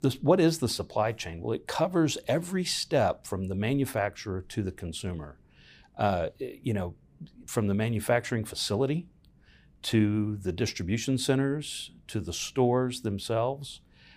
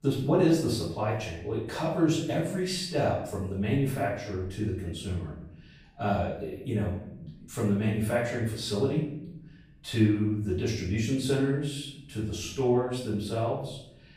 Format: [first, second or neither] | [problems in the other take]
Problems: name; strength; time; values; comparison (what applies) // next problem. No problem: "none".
first | off-mic speech; far // room echo; noticeable; dies away in 0.7 s